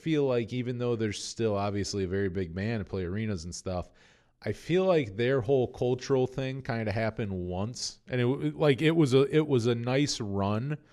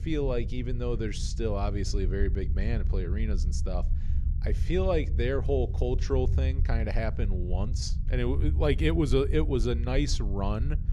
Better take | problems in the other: first | low rumble; noticeable; throughout; 15 dB below the speech

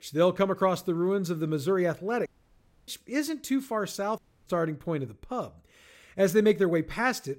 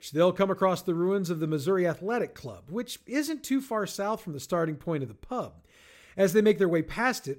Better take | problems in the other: second | audio cutting out; at 2.5 s for 0.5 s and at 4 s

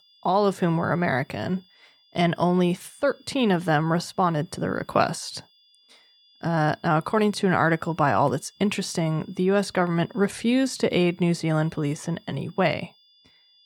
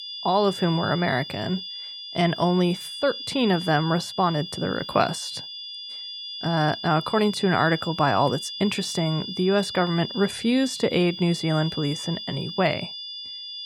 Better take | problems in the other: first | high-pitched whine; loud; throughout; 3.5 kHz, 9 dB below the speech; faint in the first

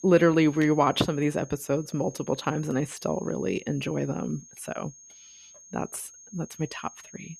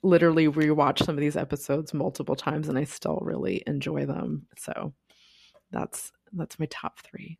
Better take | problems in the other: second | high-pitched whine; noticeable; throughout; 6.5 kHz, 20 dB below the speech

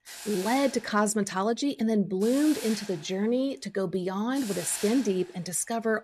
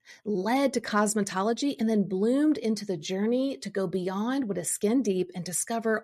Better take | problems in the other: second | hiss; noticeable; throughout; 10 dB below the speech

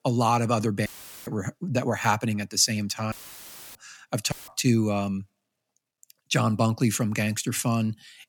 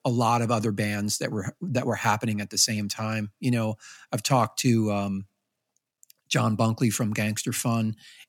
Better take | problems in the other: second | audio cutting out; filled with static; at 1 s, at 3 s for 0.5 s and at 4.5 s

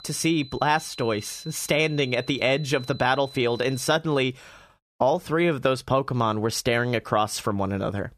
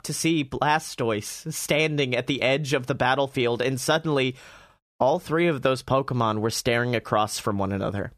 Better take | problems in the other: second | high-pitched whine; noticeable; until 4 s; 4 kHz, 20 dB below the speech

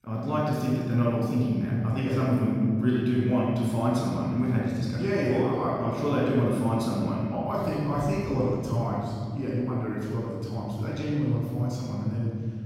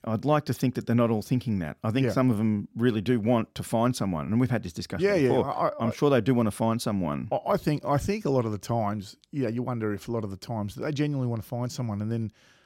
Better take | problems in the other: second | off-mic speech; far // room echo; strong; dies away in 2.4 s

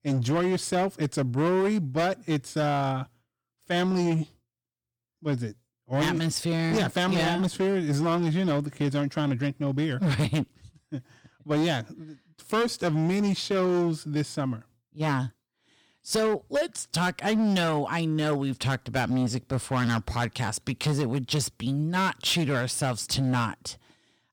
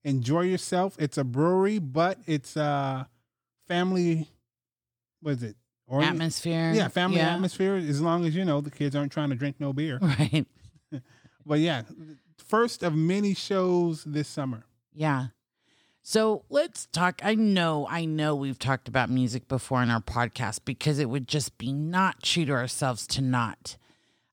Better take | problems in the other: second | distortion; slight; 13% of the sound clipped

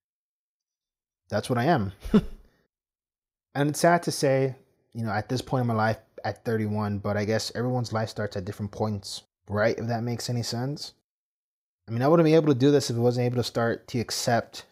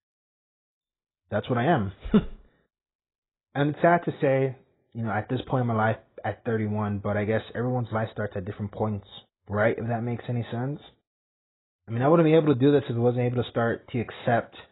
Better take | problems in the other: first | garbled, watery; badly; nothing above 4 kHz

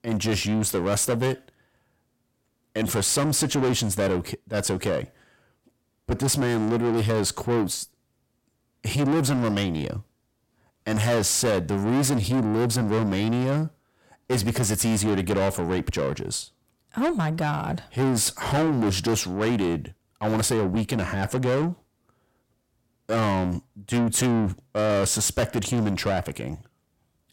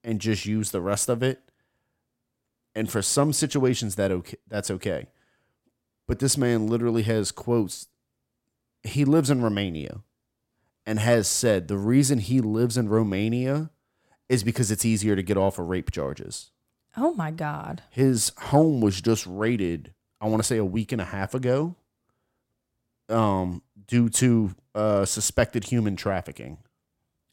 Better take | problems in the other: second | distortion; heavy; 6 dB below the speech

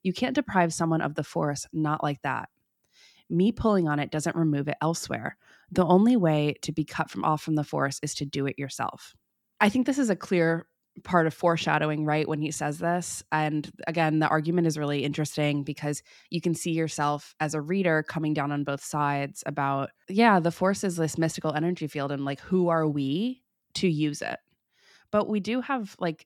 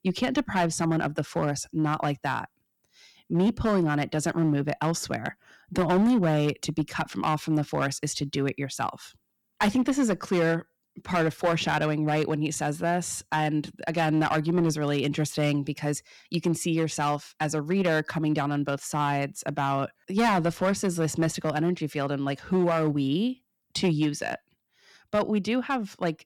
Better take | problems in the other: first | distortion; slight; 5% of the sound clipped

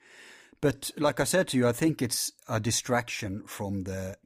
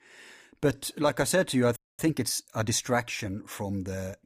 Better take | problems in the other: first | audio freezing; at 2 s

